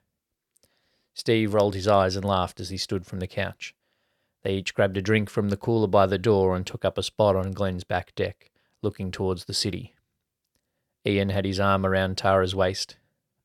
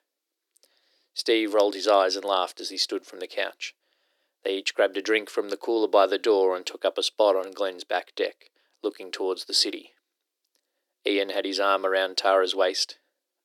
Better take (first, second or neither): first